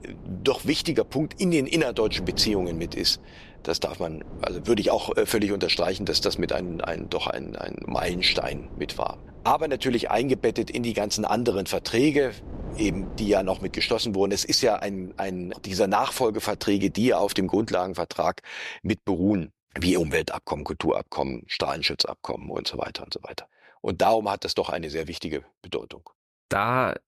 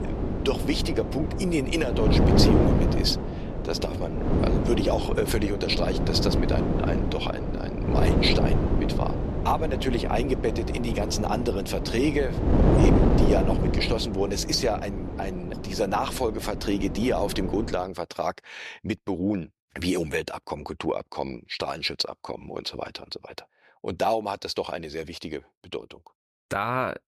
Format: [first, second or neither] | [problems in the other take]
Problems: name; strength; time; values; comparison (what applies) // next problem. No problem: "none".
first | wind noise on the microphone; heavy; until 18 s; 2 dB below the speech; occasional gusts in the first